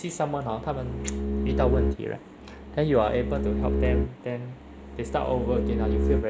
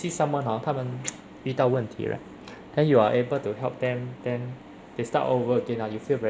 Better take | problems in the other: second | background sound (Bowed string instrument); 1 dB above the speech

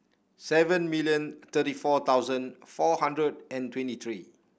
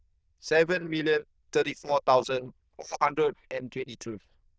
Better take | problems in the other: first | noise reduction (neural diffusion model UNIVERSE++)

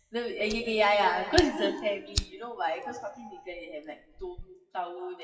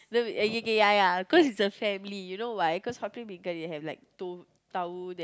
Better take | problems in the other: second | noise reduction (classical method WPE with log-MMSE)

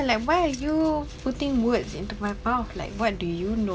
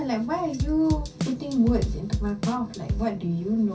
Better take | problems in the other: first | background sound (Drum / Drum kit); 3 dB below the speech // room echo; dies away in 0.3 s

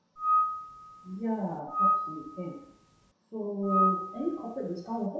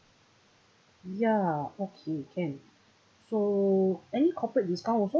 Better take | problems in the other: second | background sound (Screech / Glass); 4 dB above the speech // room echo; dies away in 0.7 s

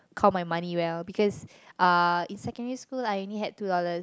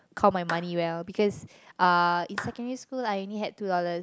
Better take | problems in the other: first | background sound (Clapping); 16 dB below the speech

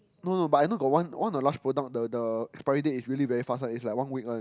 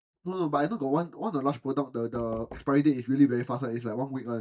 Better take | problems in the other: first | noise reduction (neural mask model DeepFilterNet 3)

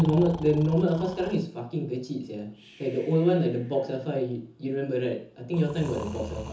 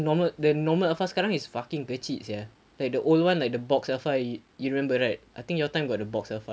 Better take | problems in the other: second | background sound (Breathing); 17 dB below the speech // room echo; dies away in 0.6 s

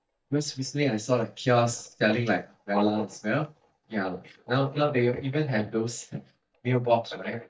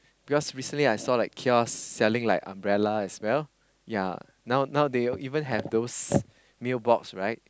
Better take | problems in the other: second | noise reduction (neural mask model DeepFilterNet 3)

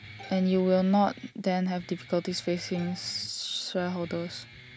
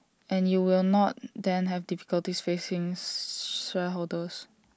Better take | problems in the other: second | background sound (Bowed string instrument + Guitar); 19 dB below the speech

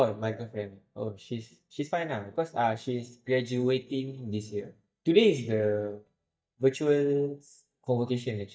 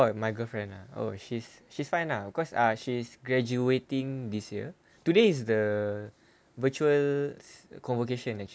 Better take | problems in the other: second | noise reduction (neural mask model DeepFilterNet 3)

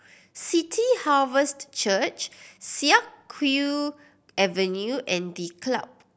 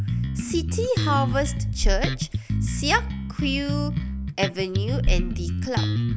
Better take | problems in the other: first | background sound (Bass drum + Bass guitar); 4 dB above the speech

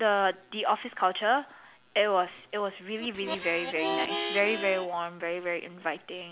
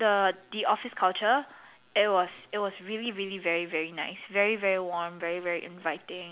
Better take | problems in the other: second | background sound (Harmonica); 5 dB below the speech

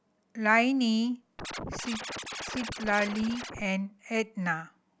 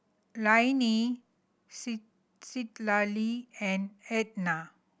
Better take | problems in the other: second | background sound (Scratching (performance technique)); 8 dB below the speech

